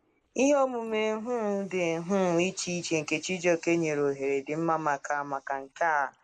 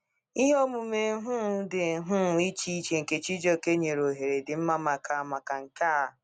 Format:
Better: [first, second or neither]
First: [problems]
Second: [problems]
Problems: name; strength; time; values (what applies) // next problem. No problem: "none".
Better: second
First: noise reduction (neural mask model Resemble Enhance denoiser)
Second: none